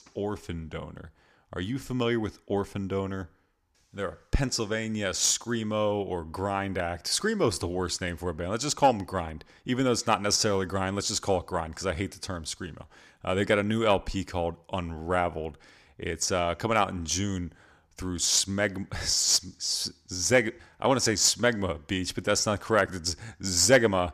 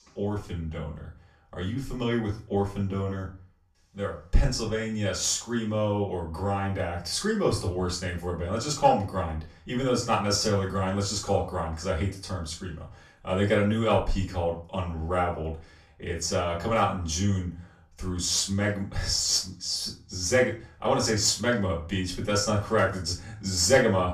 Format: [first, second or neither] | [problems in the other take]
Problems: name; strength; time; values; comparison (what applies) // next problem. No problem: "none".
first | off-mic speech; far // room echo; slight; dies away in 0.3 s